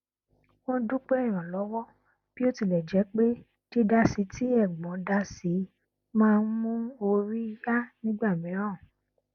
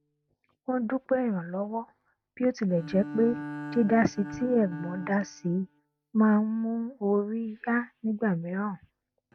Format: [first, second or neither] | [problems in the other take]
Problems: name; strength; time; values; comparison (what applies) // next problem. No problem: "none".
first | noise reduction (neural mask model RNNoise)